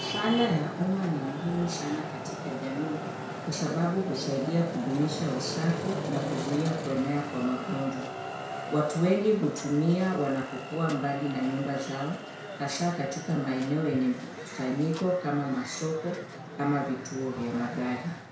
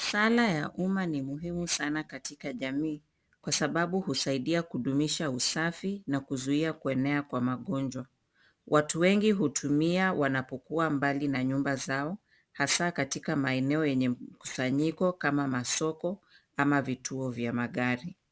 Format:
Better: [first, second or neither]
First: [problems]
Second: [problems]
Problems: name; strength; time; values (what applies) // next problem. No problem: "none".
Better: second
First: background sound (Traffic noise, roadway noise); 8 dB below the speech // room echo; dies away in 0.6 s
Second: none